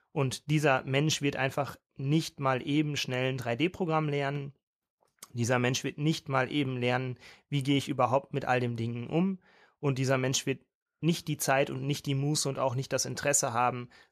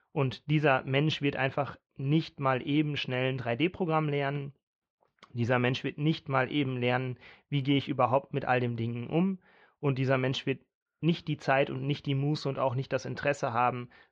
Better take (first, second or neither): first